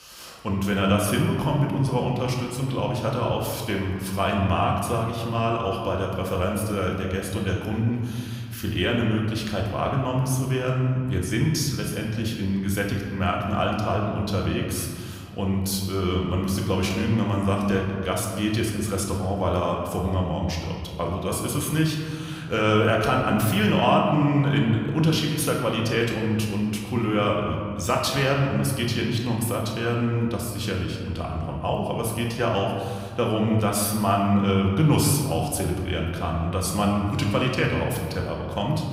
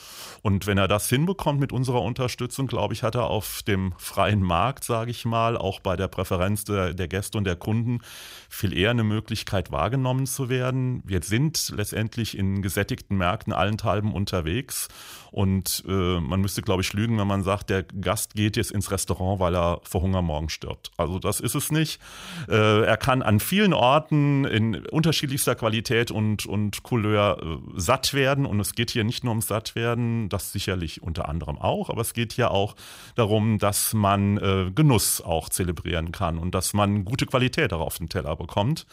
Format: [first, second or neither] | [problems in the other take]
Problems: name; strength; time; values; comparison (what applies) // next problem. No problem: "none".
second | room echo; noticeable; dies away in 1.7 s // off-mic speech; somewhat distant